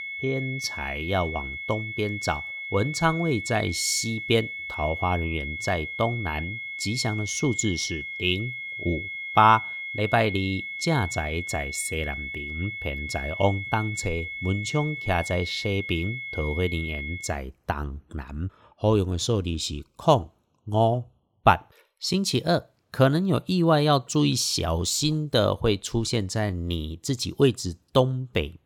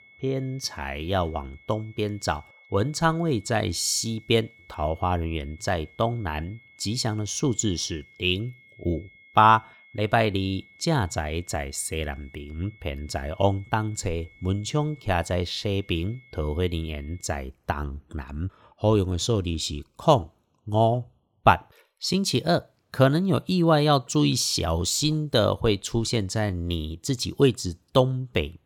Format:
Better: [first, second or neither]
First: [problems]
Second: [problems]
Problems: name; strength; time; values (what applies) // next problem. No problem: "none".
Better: second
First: high-pitched whine; loud; until 17 s; 2 kHz, 7 dB below the speech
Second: high-pitched whine; faint; until 17 s; 2 kHz, 25 dB below the speech